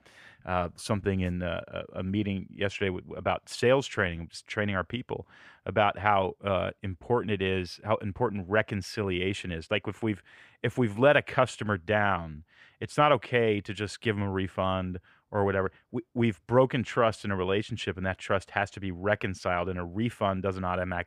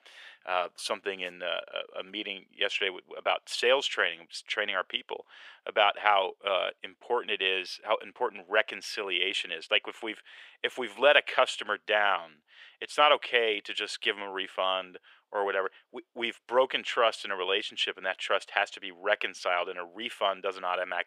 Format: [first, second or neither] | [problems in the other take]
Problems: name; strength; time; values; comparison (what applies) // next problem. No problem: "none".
first | thin; very; fading below 450 Hz